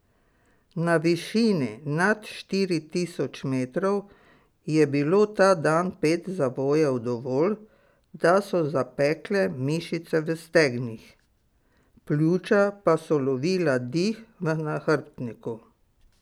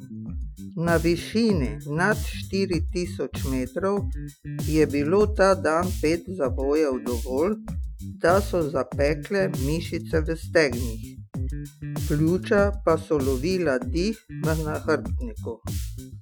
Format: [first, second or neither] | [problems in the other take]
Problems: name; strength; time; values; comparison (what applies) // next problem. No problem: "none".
first | noise reduction (classical method Wiener filter)